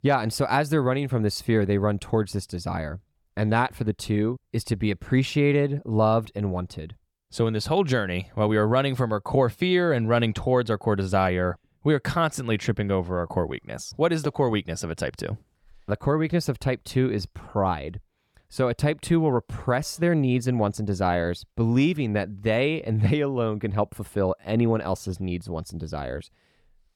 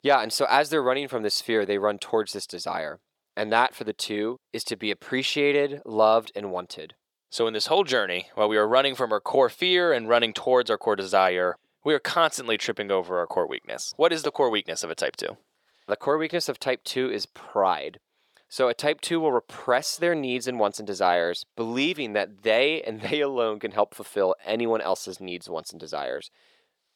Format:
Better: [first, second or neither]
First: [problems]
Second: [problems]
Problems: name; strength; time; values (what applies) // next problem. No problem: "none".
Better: first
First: none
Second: thin; somewhat; fading below 500 Hz